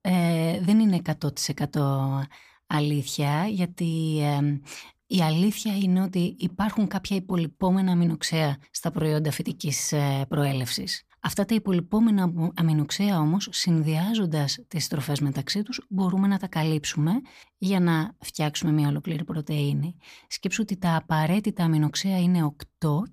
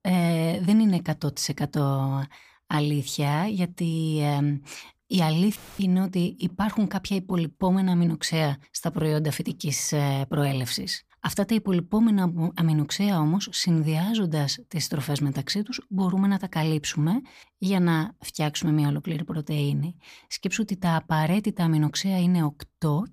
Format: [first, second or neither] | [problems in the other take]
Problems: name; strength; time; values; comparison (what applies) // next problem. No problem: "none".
first | audio cutting out; filled with static; at 5.5 s